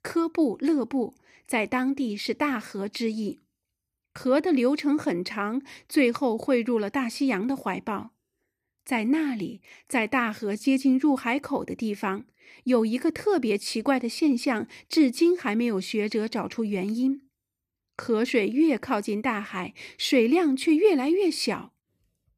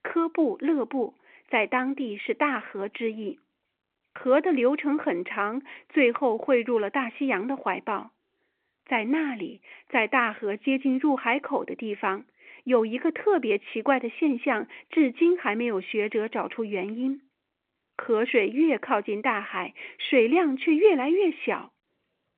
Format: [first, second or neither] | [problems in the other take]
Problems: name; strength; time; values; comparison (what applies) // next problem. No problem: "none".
first | phone-call audio; nothing above 3.5 kHz